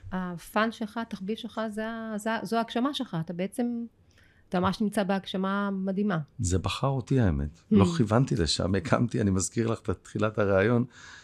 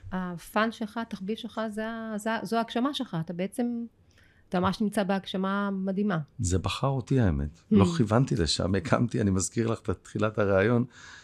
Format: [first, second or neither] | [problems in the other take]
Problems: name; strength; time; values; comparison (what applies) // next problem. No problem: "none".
neither | none